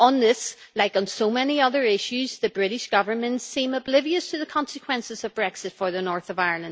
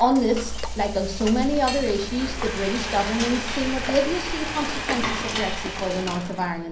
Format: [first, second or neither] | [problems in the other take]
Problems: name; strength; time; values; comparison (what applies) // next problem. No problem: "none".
first | background sound (Frying (food)); 5 dB below the speech // room echo; dies away in 0.6 s